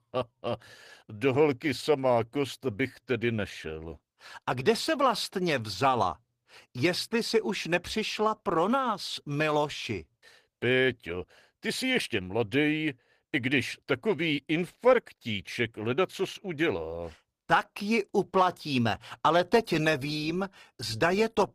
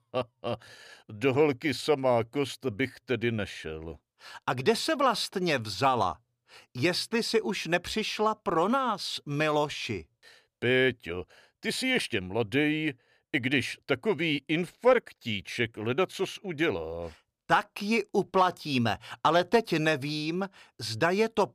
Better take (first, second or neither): second